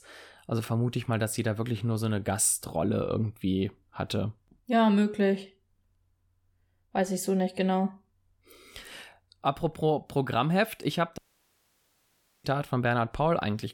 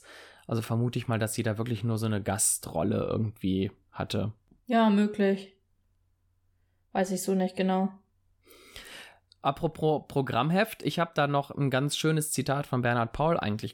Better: second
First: audio cutting out; at 11 s for 1.5 s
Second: none

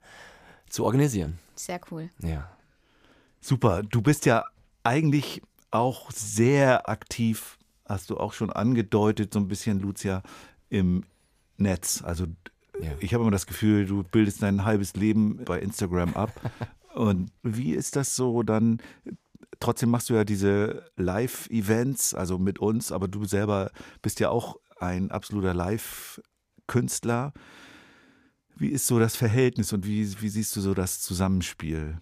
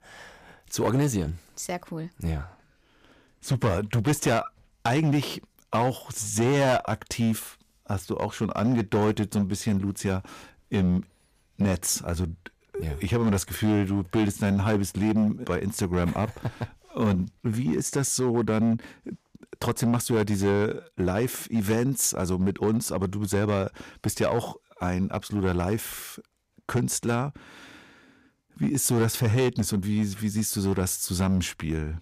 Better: first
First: none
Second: distortion; slight; 7% of the sound clipped

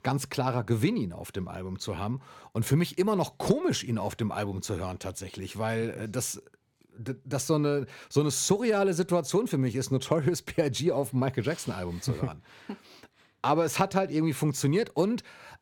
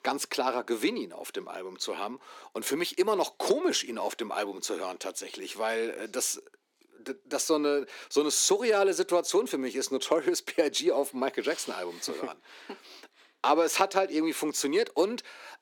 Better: first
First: none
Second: thin; somewhat; fading below 300 Hz

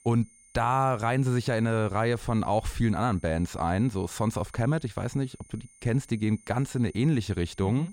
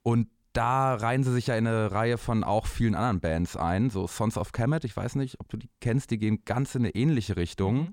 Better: second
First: high-pitched whine; faint; throughout; 9 kHz, 25 dB below the speech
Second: none

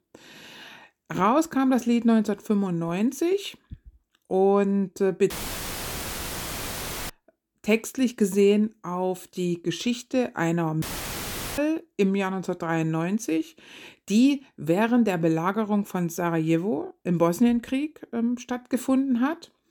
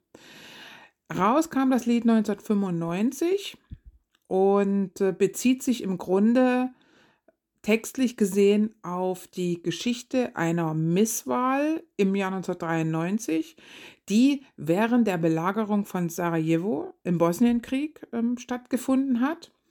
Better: second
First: audio cutting out; filled with static; at 5.5 s for 2 s and at 11 s for 1 s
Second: none

